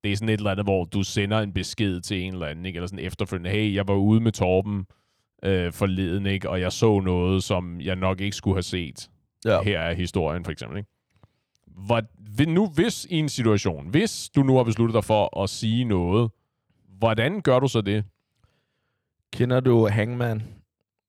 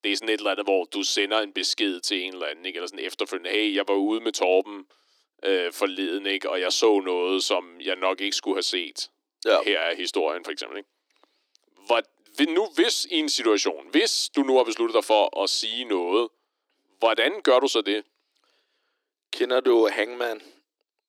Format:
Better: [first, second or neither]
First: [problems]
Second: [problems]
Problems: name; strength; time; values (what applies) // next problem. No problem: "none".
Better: first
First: none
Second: thin; somewhat; fading below 300 Hz